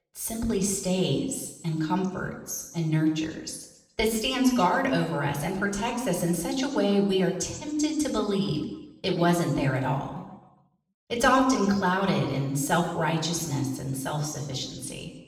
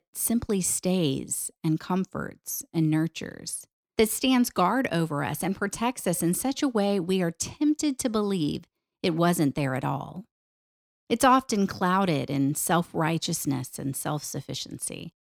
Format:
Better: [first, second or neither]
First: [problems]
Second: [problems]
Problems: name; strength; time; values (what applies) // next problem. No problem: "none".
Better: second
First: room echo; noticeable; dies away in 1 s // off-mic speech; far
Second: none